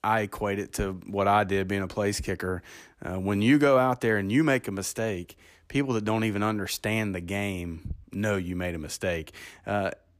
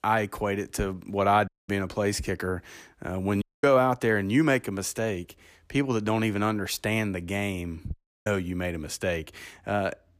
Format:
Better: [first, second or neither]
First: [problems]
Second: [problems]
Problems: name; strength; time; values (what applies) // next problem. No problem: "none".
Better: first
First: none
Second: audio cutting out; at 1.5 s, at 3.5 s and at 8 s